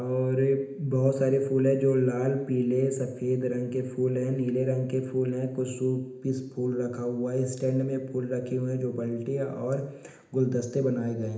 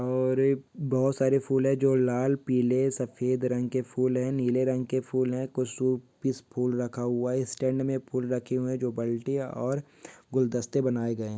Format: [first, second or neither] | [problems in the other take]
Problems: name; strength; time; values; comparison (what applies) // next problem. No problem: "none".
second | room echo; dies away in 0.8 s